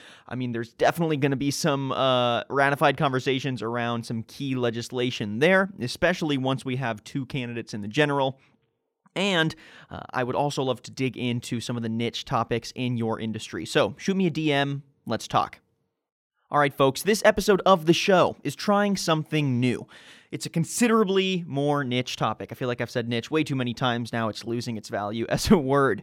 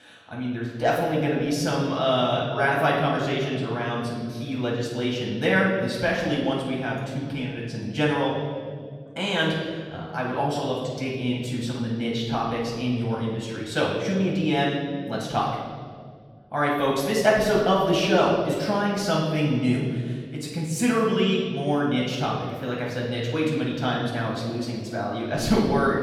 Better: first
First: none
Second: off-mic speech; far // room echo; noticeable; dies away in 1.9 s

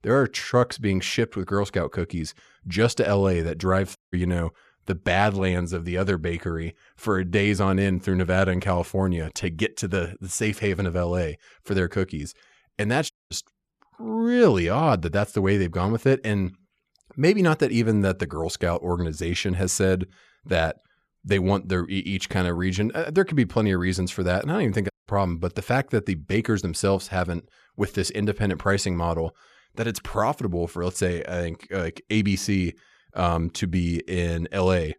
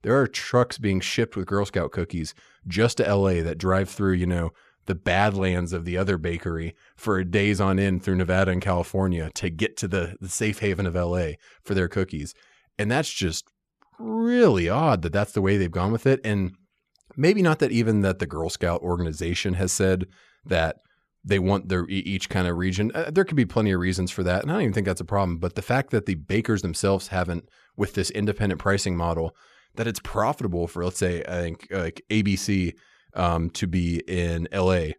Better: second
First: audio cutting out; at 4 s, at 13 s and at 25 s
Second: none

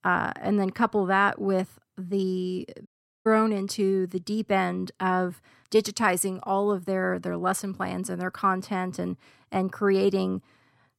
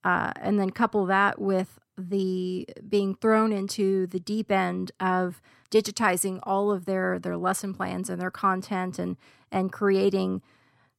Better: second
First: audio cutting out; at 3 s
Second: none

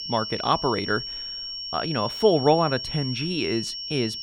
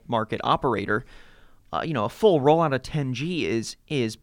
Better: second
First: high-pitched whine; loud; throughout; 5.5 kHz, 6 dB below the speech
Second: none

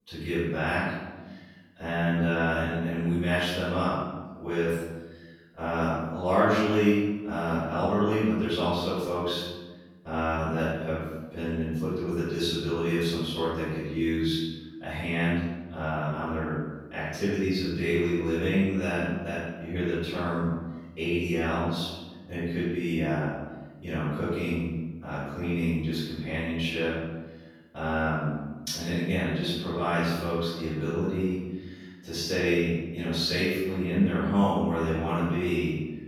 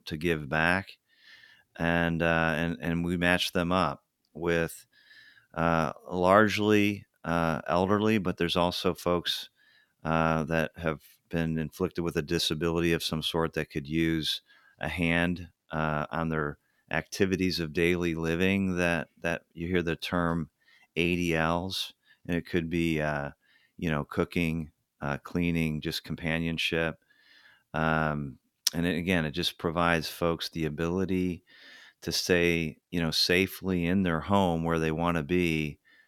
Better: second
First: room echo; strong; dies away in 1.1 s // off-mic speech; far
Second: none

